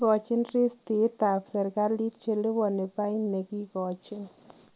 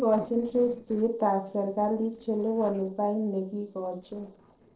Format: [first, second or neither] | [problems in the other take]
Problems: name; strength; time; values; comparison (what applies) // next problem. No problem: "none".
first | noise reduction (neural separator model SepFormer DNS4)